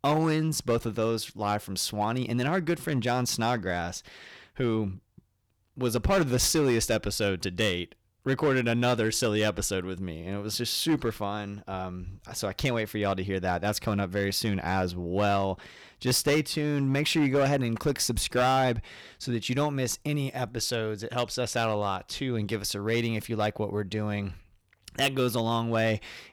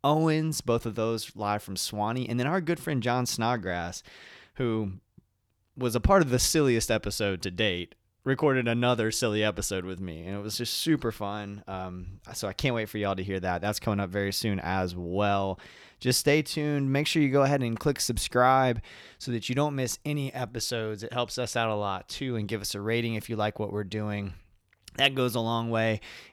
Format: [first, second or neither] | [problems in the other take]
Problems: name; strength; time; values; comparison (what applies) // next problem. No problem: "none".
second | distortion; slight; 5% of the sound clipped